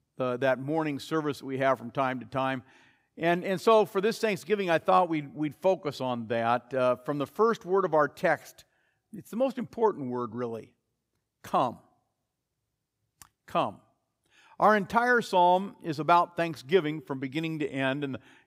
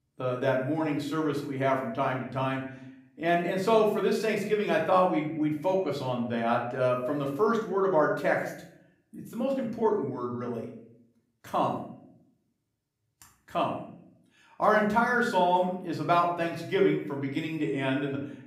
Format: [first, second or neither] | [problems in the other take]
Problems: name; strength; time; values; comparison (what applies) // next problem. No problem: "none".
first | room echo; noticeable; dies away in 0.6 s // off-mic speech; far